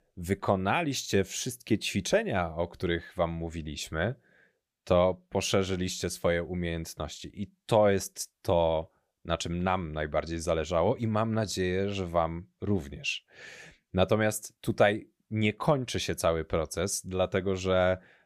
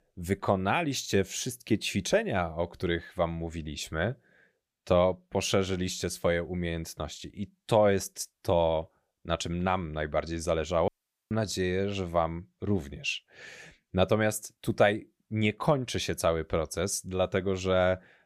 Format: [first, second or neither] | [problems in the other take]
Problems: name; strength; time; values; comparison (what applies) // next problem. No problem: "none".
first | audio cutting out; at 11 s